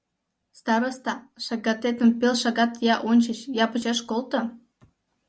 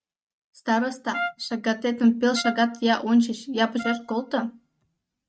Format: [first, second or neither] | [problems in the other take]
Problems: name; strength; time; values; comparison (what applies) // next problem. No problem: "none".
first | noise reduction (neural mask model RNNoise)